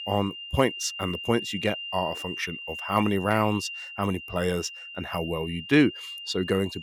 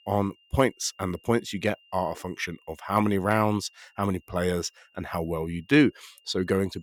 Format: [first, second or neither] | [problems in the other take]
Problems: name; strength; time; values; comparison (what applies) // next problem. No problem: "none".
second | high-pitched whine; loud; throughout; 3 kHz, 8 dB below the speech; faint in the second